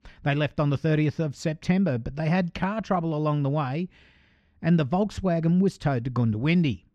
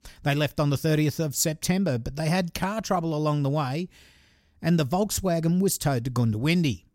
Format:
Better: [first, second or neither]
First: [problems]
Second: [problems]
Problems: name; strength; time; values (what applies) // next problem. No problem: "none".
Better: second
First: muffled; slightly; fading above 2.5 kHz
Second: none